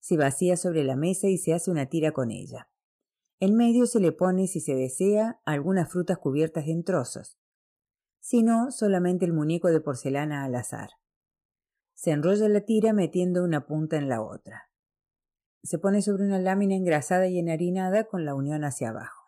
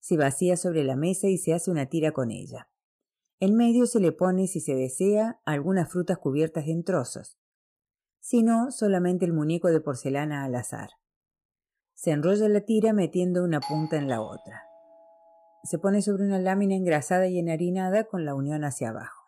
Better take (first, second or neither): first